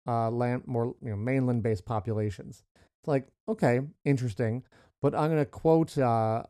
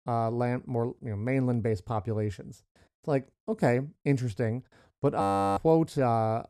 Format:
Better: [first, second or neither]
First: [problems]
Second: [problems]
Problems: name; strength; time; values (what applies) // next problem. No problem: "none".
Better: first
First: none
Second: audio freezing; at 5 s